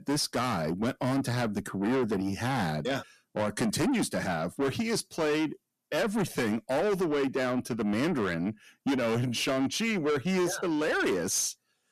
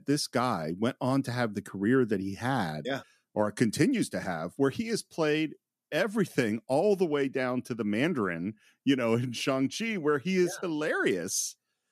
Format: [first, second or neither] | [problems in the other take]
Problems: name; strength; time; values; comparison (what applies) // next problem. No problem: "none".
second | distortion; heavy; 7 dB below the speech